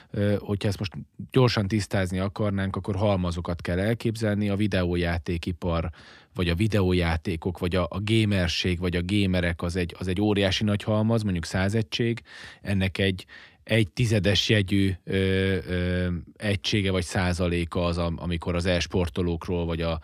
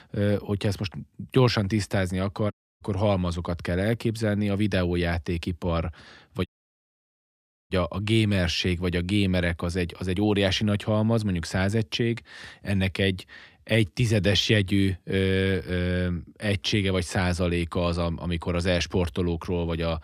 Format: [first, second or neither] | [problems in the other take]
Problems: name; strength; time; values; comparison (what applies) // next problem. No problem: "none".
first | audio cutting out; at 2.5 s and at 6.5 s for 1 s